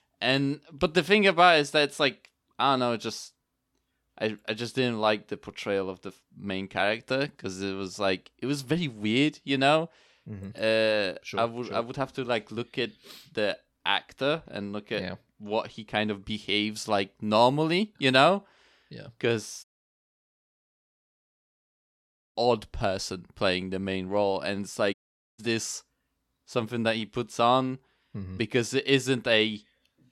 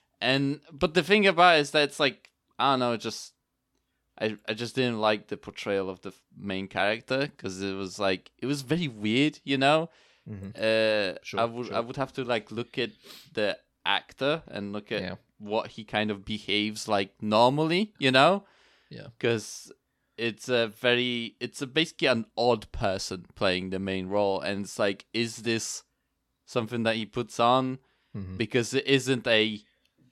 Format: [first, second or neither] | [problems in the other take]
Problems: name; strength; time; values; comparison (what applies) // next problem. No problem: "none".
second | audio cutting out; at 20 s for 2.5 s and at 25 s